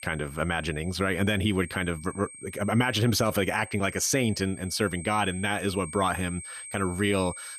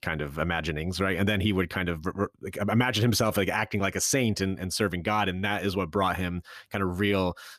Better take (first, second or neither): second